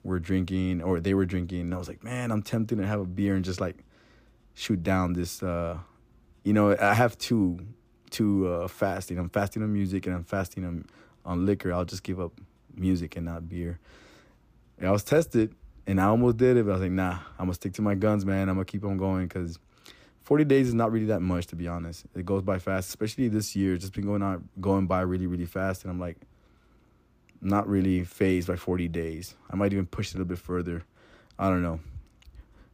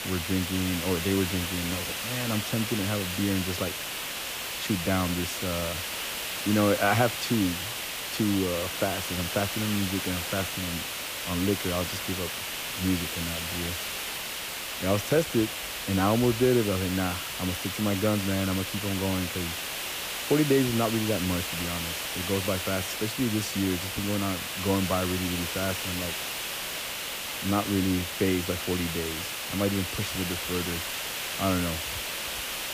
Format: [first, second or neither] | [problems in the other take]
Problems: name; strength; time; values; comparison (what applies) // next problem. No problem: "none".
first | hiss; loud; throughout; 2 dB below the speech